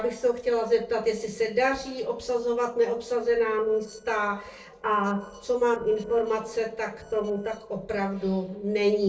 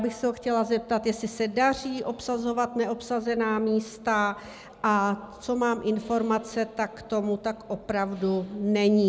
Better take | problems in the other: second | noise reduction (neural separator model SepFormer DNS4)

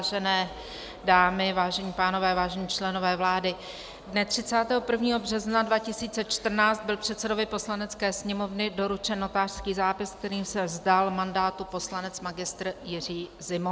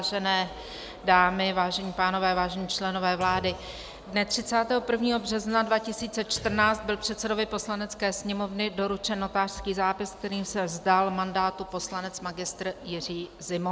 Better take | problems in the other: first | background sound (Thump, thud); 17 dB below the speech

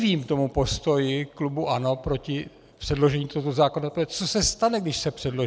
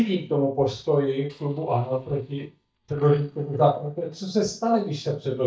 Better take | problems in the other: first | noise reduction (neural mask model DeepFilterNet 3)

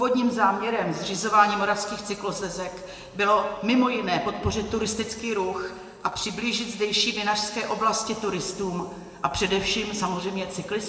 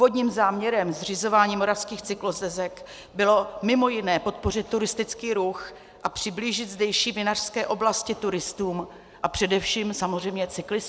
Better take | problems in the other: second | room echo; dies away in 2 s

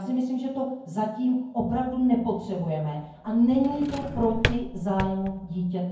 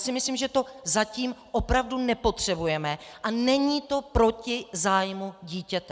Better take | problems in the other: second | background sound (Drawer open or close); 7 dB below the speech // room echo; dies away in 0.9 s

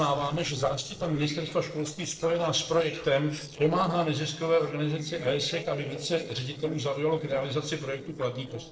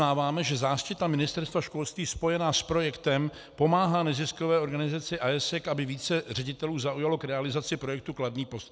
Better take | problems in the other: second | noise reduction (neural separator model SepFormer DNS4)

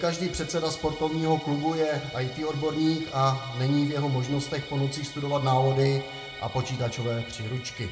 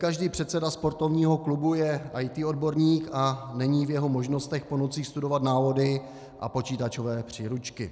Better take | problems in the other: second | background sound (Musical instrument); 15 dB below the speech // room echo; dies away in 0.3 s

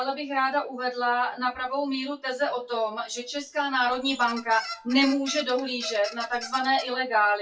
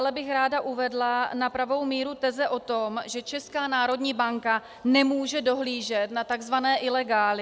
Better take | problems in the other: second | noise reduction (classical method WPE with log-MMSE)

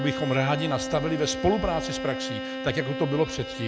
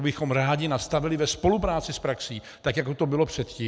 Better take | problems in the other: second | background sound (Bowed string instrument); 6 dB below the speech

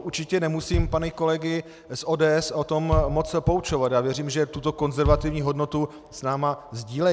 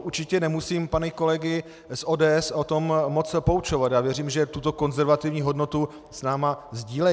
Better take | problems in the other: second | background sound (Bass drum); 8 dB below the speech

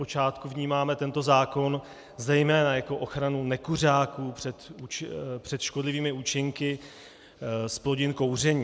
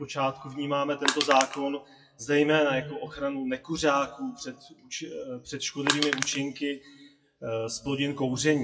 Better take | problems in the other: first | noise reduction (classical method WPE with log-MMSE)

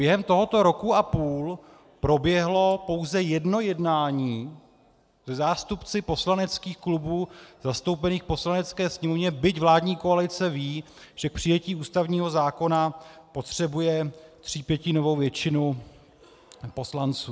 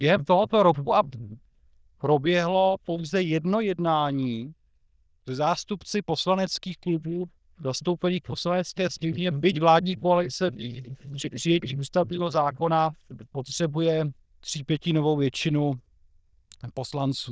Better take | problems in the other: first | noise reduction (neural diffusion model UNIVERSE++)

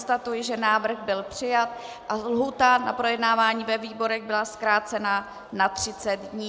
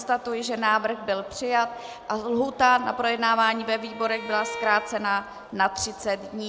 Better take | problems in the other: first | background sound (Bowed string instrument); 15 dB below the speech

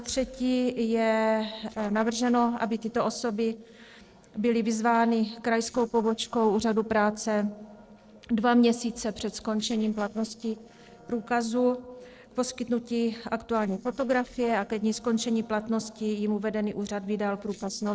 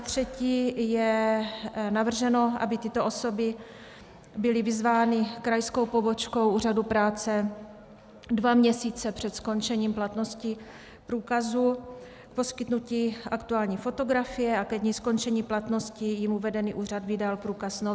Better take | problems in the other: second | noise reduction (neural separator model SepFormer DNS4)

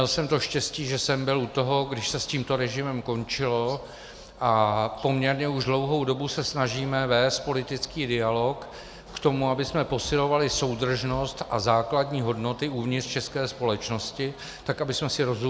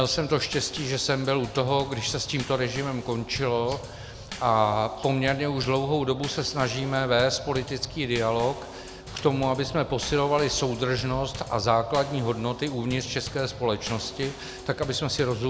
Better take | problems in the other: first | background sound (Bass drum / Snare drum / Drum kit); 14 dB below the speech

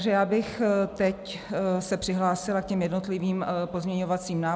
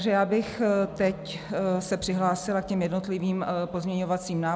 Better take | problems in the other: first | background sound (Bowed string instrument); 19 dB below the speech

